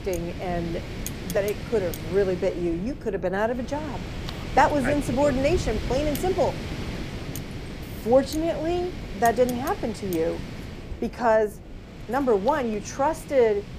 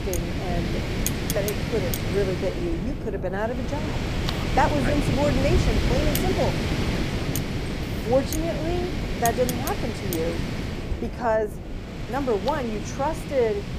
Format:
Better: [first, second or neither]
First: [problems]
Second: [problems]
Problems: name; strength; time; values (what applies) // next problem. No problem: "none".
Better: first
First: wind noise on the microphone; occasional gusts; 15 dB below the speech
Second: wind noise on the microphone; heavy; 4 dB below the speech